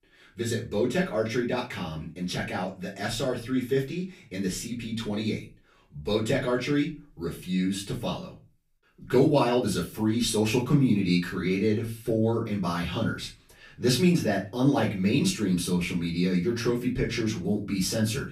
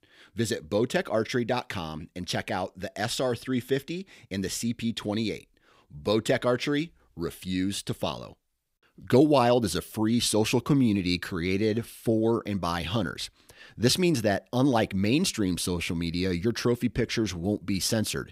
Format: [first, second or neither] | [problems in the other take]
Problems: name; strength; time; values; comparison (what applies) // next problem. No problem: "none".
second | off-mic speech; far // room echo; slight; dies away in 0.3 s